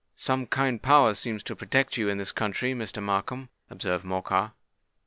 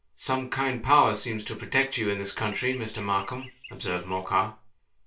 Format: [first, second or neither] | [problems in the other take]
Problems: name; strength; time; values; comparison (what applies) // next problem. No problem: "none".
first | background sound (Chirp, tweet); 19 dB below the speech // room echo; dies away in 0.3 s